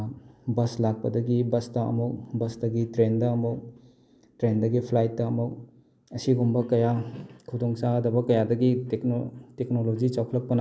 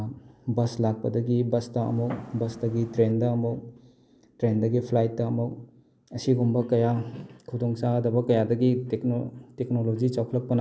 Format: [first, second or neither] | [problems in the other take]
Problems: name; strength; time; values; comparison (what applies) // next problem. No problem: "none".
first | background sound (Fireworks); 17 dB below the speech